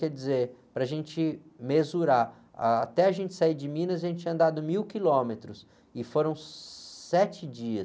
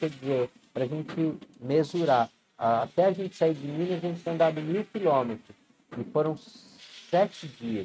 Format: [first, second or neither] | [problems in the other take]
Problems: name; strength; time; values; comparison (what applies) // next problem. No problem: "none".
first | noise reduction (neural mask model RNNoise)